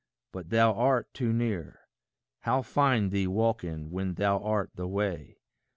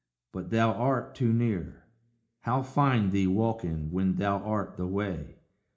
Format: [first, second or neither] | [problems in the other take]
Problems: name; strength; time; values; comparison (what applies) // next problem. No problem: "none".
first | room echo; dies away in 0.4 s